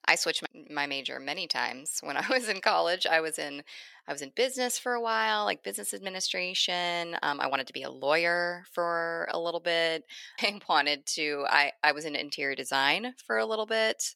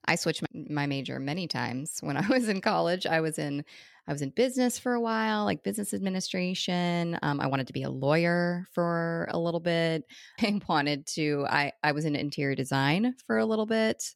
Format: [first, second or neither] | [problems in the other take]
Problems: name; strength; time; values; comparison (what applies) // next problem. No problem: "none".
second | thin; very; fading below 600 Hz